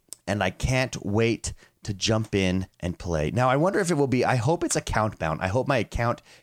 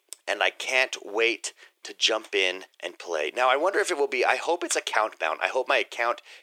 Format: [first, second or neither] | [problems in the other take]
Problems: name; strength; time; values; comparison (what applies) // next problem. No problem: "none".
first | thin; very; fading below 350 Hz